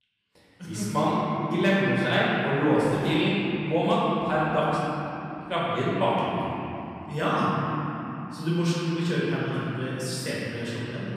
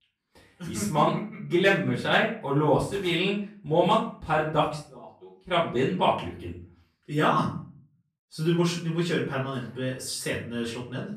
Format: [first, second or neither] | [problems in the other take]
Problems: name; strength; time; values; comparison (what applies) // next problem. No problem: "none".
second | room echo; strong; dies away in 3 s; slight in the second // off-mic speech; far; far in the second